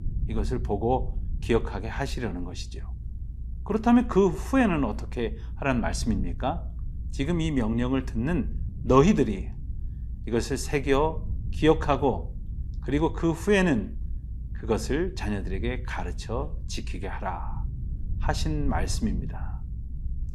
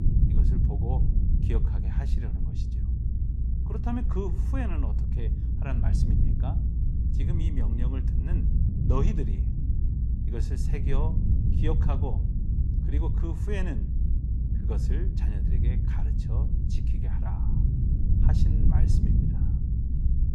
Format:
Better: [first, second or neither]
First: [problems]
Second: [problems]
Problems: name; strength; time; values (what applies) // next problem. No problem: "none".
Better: first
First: low rumble; faint; throughout; 25 dB below the speech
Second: low rumble; loud; throughout; 1 dB below the speech